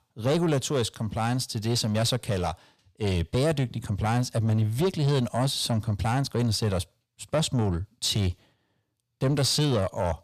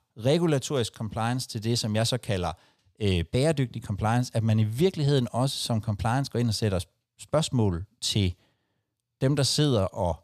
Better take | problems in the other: second | distortion; slight; 10 dB below the speech

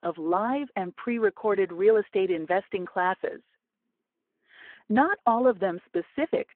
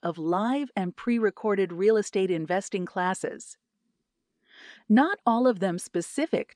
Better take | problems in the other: second | phone-call audio

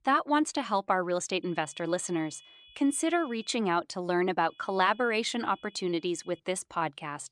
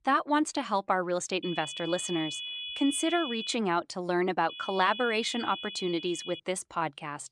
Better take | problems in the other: first | high-pitched whine; loud; from 1.5 to 3.5 s and from 4.5 to 6.5 s; 3.5 kHz, 8 dB below the speech; faint in the first

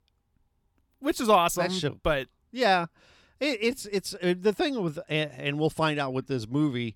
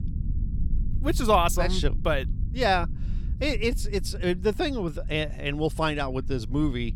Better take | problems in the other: first | low rumble; faint; throughout; 20 dB below the speech

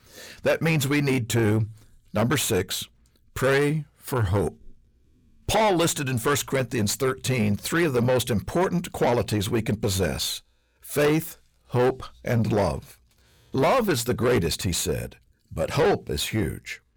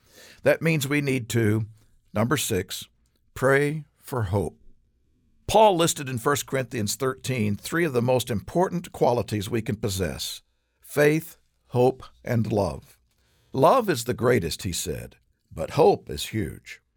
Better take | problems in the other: second | distortion; heavy; 7 dB below the speech

